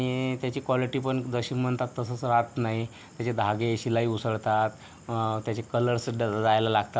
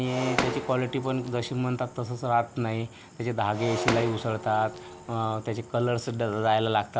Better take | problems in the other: first | background sound (Shatter); 9 dB below the speech

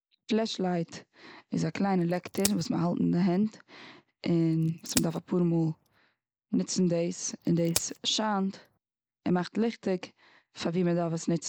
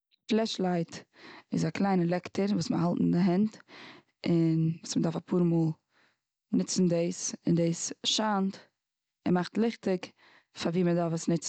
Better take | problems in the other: second | noise reduction (neural mask model Resemble Enhance denoiser)

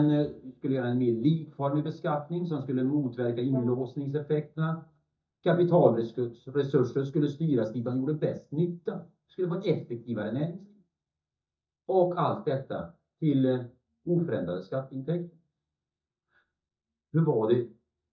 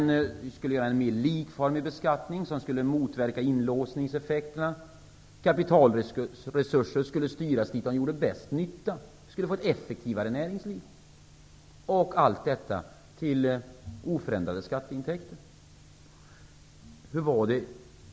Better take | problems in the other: second | noise reduction (neural mask model DeepFilterNet 3)

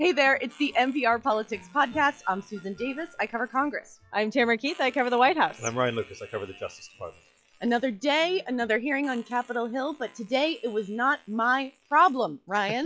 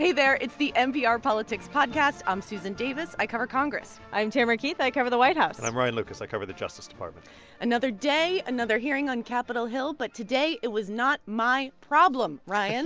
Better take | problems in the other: second | noise reduction (classical method log-MMSE)

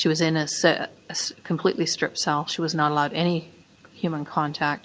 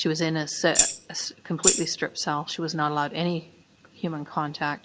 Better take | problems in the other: first | background sound (Tambourine); 4 dB above the speech

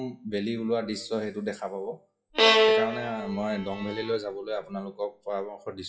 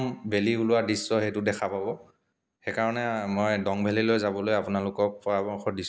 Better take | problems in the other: second | noise reduction (classical method WPE with log-MMSE)

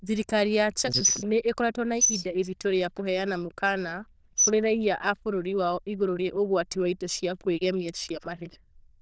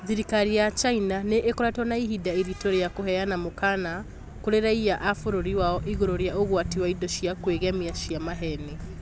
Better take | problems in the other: second | noise reduction (neural diffusion model UNIVERSE++)

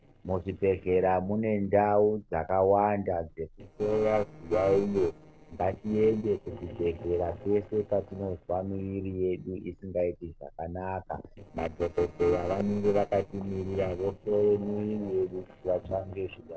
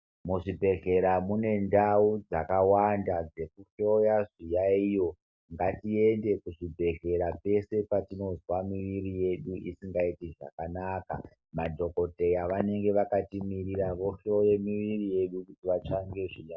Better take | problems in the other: second | noise reduction (neural separator model SepFormer DNS4)

